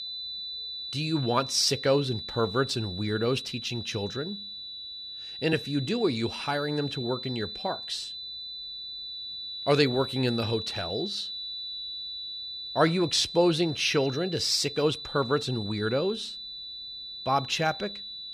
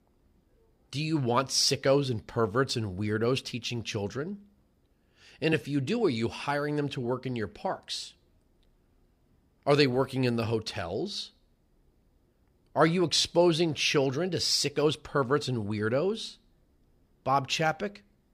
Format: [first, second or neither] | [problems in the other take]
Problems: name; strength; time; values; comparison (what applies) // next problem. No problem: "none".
second | high-pitched whine; loud; throughout; 4 kHz, 8 dB below the speech